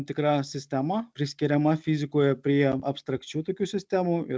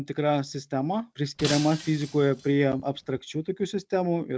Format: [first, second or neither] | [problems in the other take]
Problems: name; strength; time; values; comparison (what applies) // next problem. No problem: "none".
first | background sound (Shatter); 12 dB below the speech